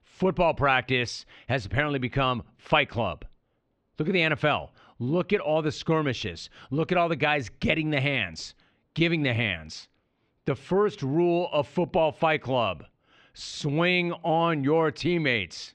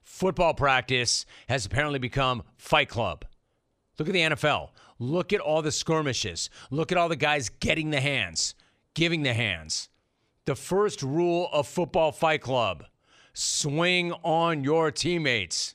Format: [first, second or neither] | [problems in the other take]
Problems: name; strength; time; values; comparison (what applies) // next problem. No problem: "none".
second | muffled; slightly; fading above 3 kHz